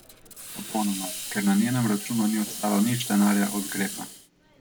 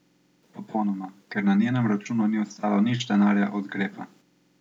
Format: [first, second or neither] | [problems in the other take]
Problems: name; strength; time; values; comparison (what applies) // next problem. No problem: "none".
second | background sound (Hiss); 10 dB below the speech